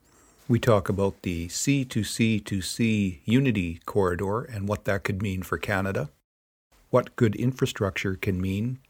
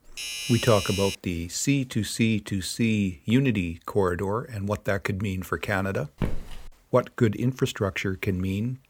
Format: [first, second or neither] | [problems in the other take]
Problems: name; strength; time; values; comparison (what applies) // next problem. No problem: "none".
first | doorbell; noticeable; until 1 s; peak 4 dB below the speech // footsteps; noticeable; at 6 s; peak 6 dB below the speech